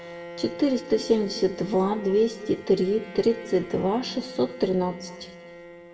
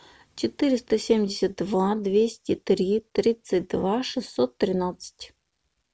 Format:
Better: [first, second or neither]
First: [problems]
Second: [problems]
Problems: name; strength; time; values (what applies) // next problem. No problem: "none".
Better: second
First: background sound (Bowed string instrument); 16 dB below the speech // room echo; dies away in 1.2 s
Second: none